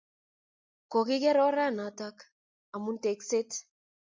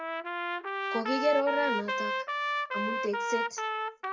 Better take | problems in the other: first | background sound (Trumpet); 1 dB above the speech // room echo; dies away in 0.2 s

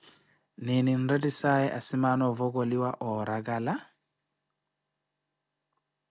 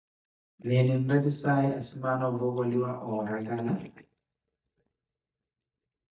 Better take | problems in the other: first | noise reduction (neural mask model DeepFilterNet 3)

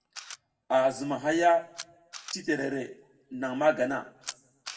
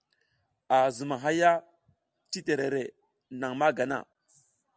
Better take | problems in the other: second | background sound (Camera); 18 dB below the speech // room echo; dies away in 0.5 s

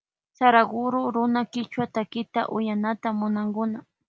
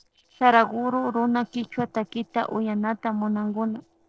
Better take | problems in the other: first | noise reduction (neural separator model SepFormer DNS4)

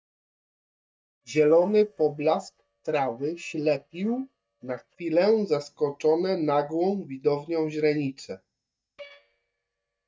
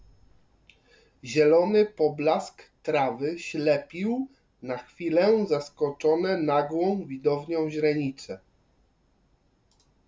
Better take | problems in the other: second | noise reduction (neural mask model DeepFilterNet 3)

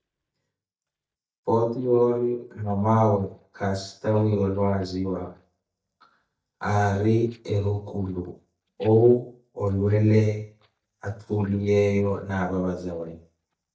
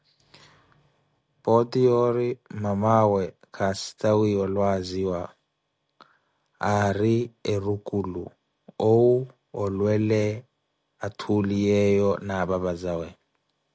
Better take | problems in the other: second | noise reduction (neural mask model DeepFilterNet 3)

